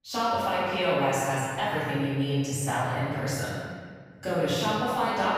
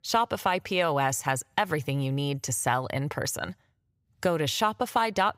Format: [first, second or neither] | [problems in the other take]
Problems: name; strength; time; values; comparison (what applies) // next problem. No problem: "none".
second | room echo; strong; dies away in 1.7 s // off-mic speech; far